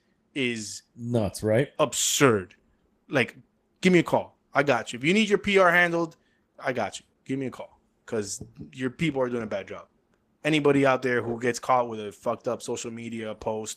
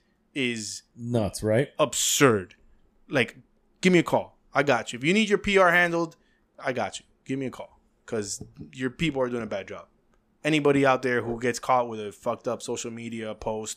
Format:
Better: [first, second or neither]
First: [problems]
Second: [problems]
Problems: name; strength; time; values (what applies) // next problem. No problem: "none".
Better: second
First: garbled, watery; slightly; nothing above 14.5 kHz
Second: none